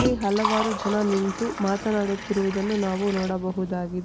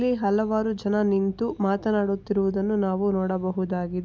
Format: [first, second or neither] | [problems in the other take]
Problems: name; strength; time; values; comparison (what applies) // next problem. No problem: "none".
second | background sound (Liquid); 7 dB below the speech